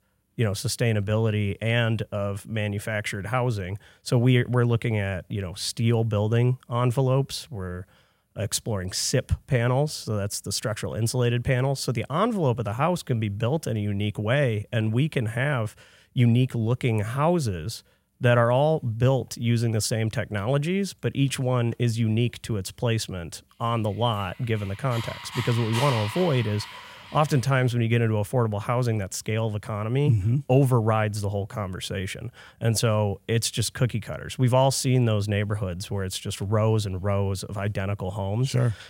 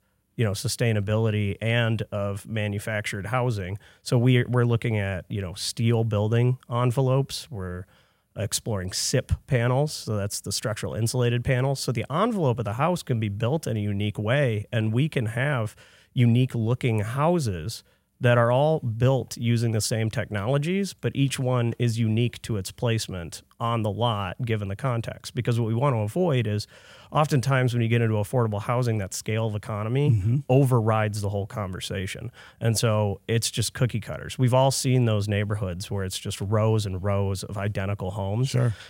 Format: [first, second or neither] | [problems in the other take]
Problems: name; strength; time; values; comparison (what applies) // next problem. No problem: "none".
second | dog barking; noticeable; from 25 to 27 s; peak 4 dB below the speech